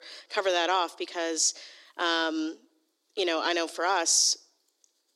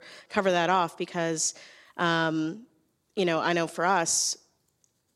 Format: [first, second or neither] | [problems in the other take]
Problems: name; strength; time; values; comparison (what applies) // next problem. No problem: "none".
second | thin; very; fading below 300 Hz